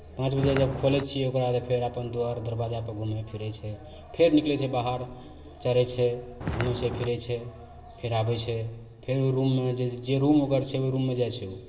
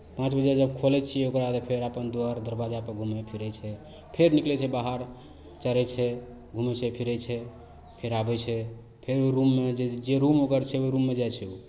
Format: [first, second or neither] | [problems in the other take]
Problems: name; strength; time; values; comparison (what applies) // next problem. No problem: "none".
second | background sound (Walk, footsteps); 6 dB below the speech // room echo; dies away in 1.6 s